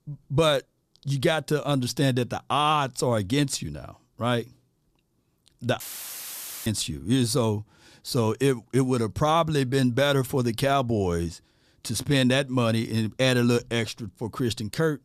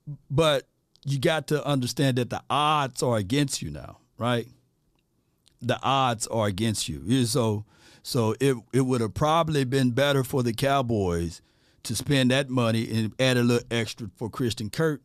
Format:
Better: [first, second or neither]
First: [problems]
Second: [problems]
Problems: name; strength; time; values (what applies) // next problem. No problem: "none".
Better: second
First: audio cutting out; filled with static; at 6 s for 1 s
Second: none